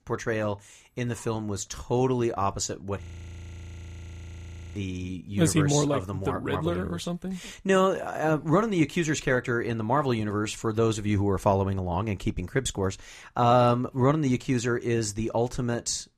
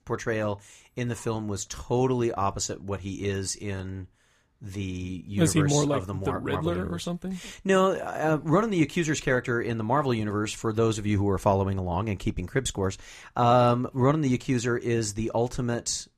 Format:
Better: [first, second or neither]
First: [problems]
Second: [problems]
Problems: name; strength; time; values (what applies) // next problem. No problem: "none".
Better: second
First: audio freezing; at 3 s for 1.5 s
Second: none